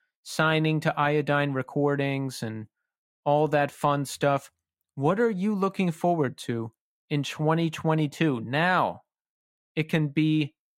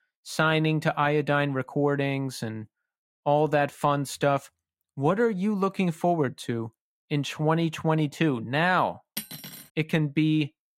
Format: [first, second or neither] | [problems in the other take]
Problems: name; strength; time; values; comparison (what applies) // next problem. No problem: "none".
first | clattering dishes; noticeable; at 9 s; peak 9 dB below the speech